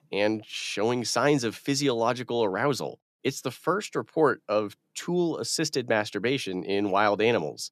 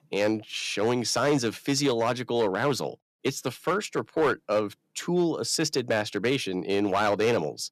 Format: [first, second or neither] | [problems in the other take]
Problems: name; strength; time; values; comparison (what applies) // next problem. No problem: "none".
first | distortion; slight; 5% of the sound clipped